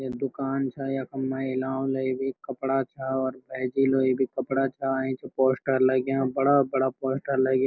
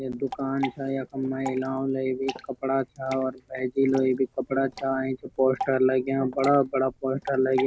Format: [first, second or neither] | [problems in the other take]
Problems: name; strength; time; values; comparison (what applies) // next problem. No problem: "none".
first | background sound (Drip / Water); 15 dB below the speech